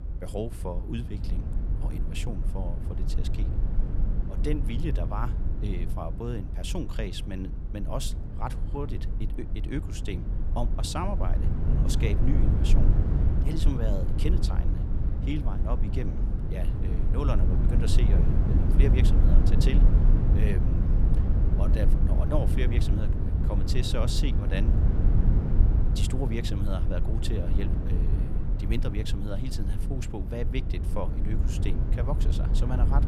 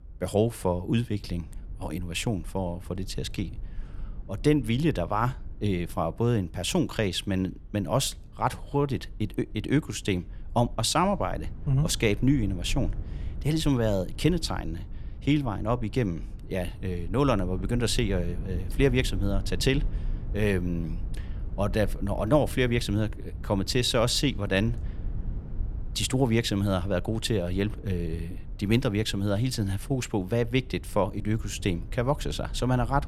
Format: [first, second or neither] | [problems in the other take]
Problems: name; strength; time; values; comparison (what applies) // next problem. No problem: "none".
second | low rumble; loud; throughout; 3 dB below the speech; faint in the second